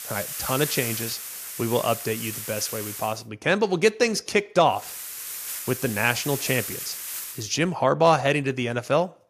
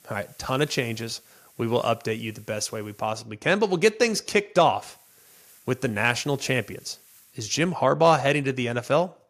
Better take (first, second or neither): second